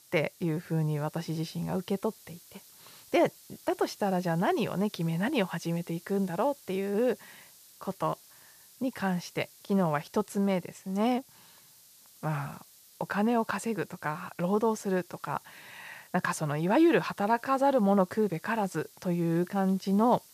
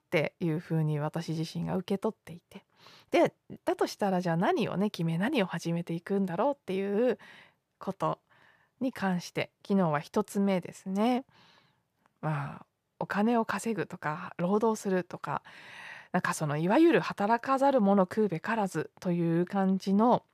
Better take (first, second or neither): second